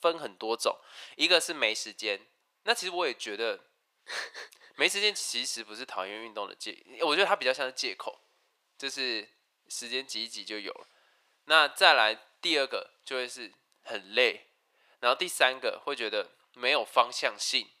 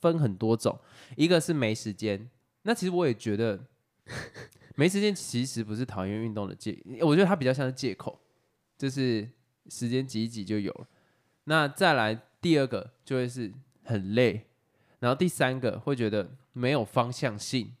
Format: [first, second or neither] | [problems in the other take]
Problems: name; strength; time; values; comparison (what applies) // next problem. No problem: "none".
second | thin; very; fading below 550 Hz